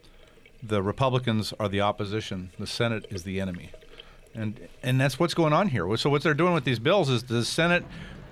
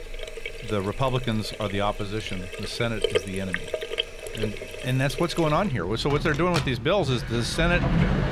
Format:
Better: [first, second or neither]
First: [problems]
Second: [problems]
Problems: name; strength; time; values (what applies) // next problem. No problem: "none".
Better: first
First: household noises; faint; throughout; 25 dB below the speech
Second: household noises; loud; throughout; 5 dB below the speech